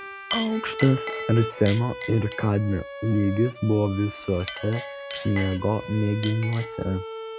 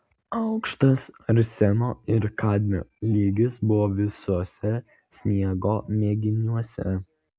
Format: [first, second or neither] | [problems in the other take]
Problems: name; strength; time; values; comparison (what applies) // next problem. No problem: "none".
second | background sound (Bowed string instrument + Chink, clink); 10 dB below the speech